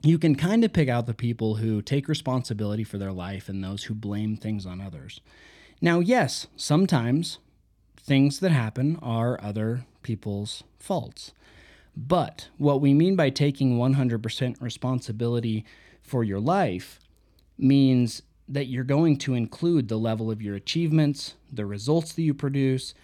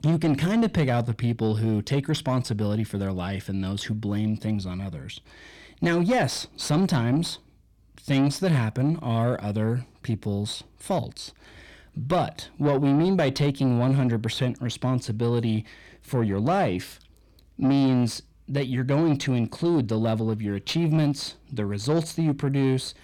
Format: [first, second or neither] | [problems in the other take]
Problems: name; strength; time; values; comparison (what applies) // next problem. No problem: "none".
first | distortion; slight; 10 dB below the speech